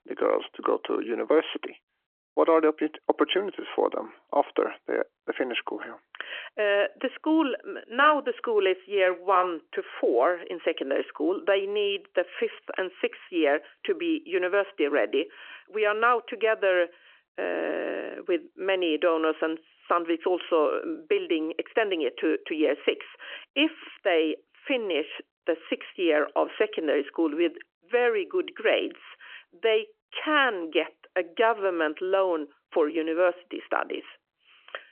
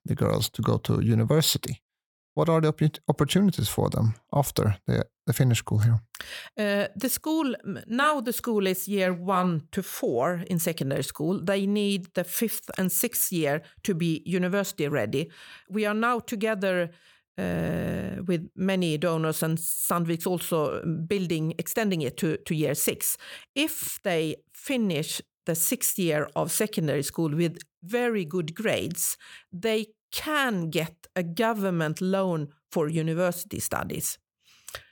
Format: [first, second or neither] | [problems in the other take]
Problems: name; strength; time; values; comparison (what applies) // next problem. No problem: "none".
second | phone-call audio; nothing above 3 kHz